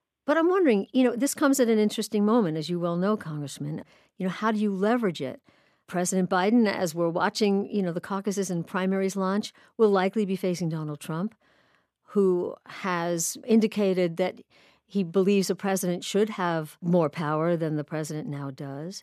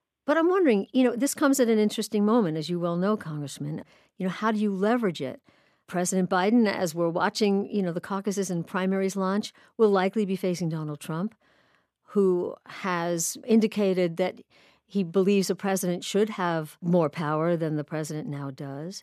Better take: neither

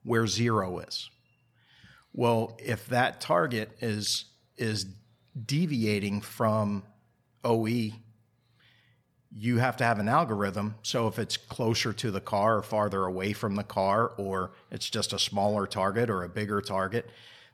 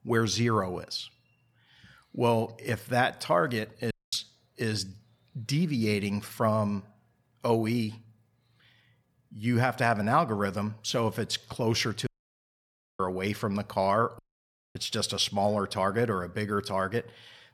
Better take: first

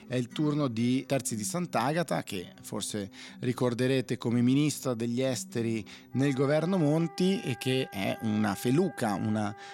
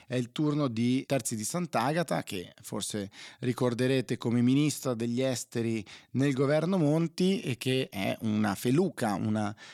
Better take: second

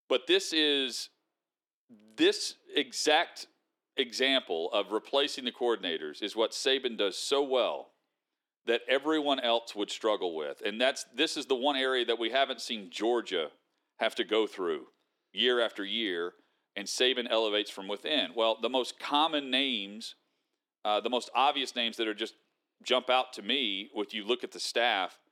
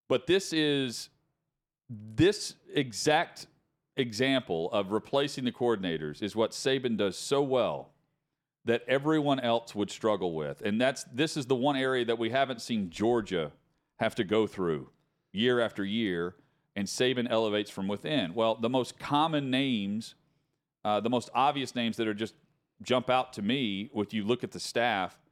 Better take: second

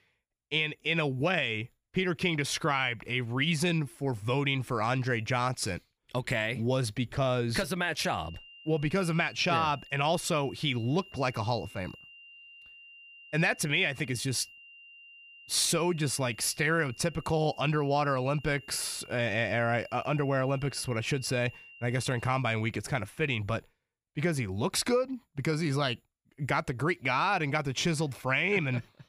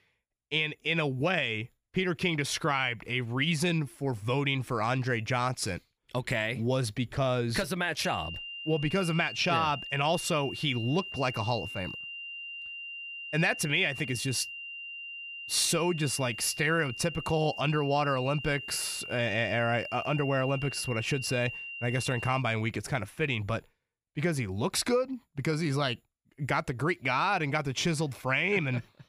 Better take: first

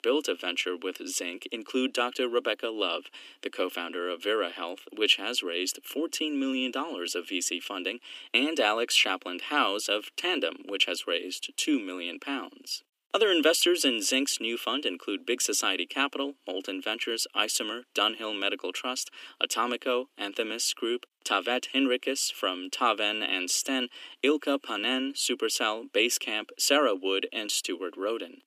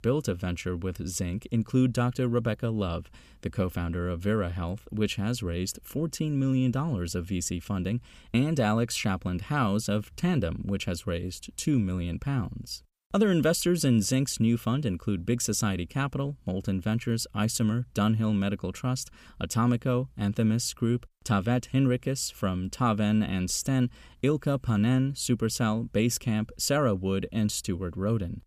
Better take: second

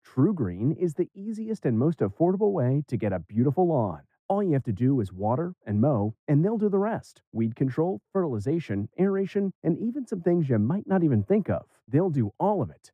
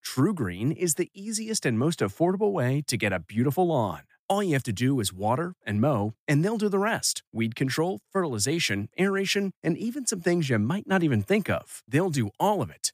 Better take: second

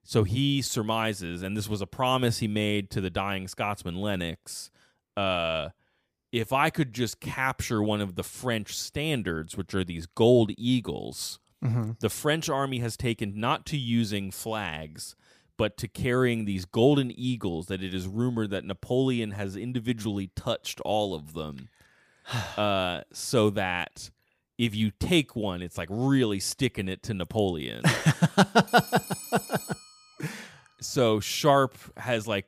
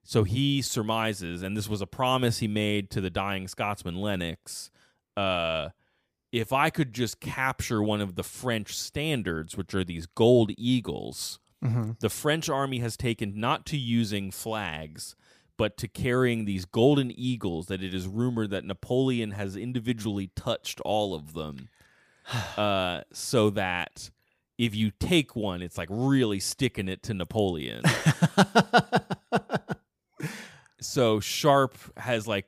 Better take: second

